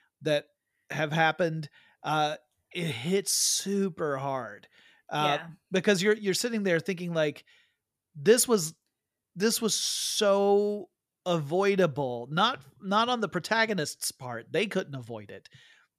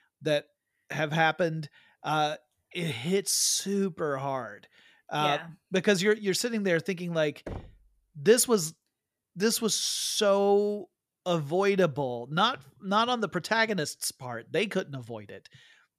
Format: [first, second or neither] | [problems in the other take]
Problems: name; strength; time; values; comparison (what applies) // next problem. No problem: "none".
first | door banging; faint; at 7.5 s; peak 15 dB below the speech